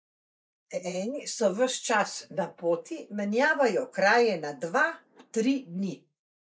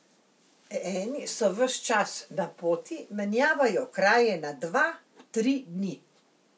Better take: second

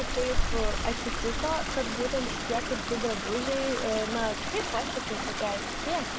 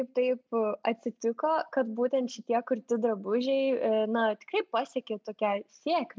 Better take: second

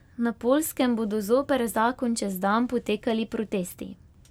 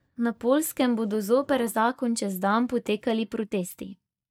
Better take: first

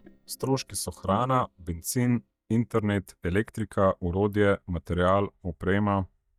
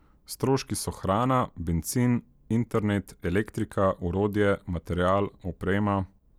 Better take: second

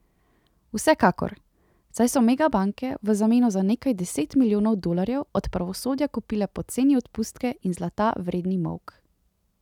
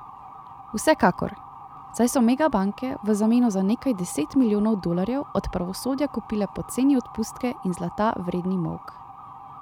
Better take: first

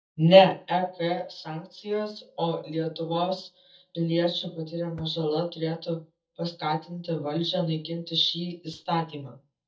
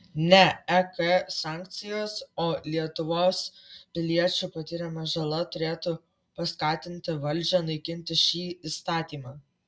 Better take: second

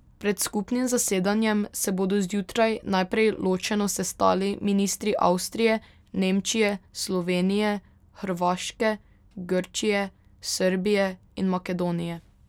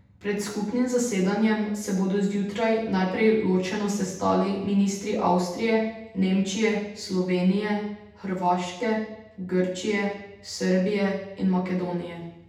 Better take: first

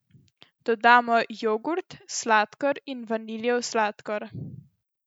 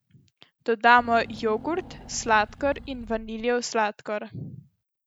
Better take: first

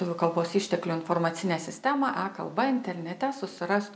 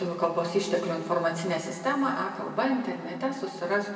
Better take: first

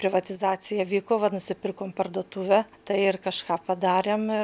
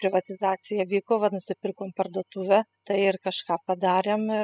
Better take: first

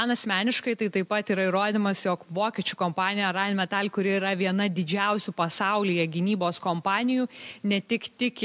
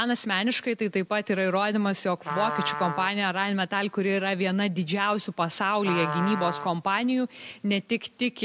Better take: first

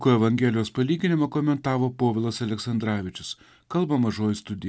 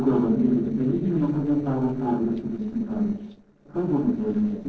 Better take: first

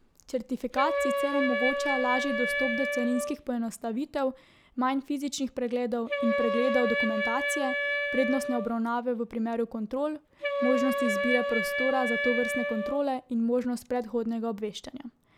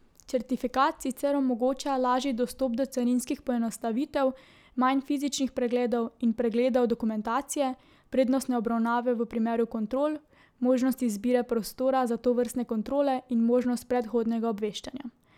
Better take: second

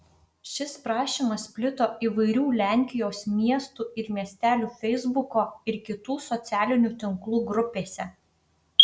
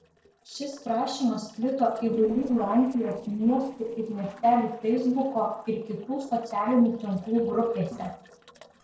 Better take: first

